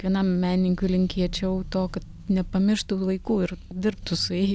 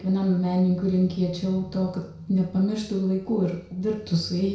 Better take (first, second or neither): first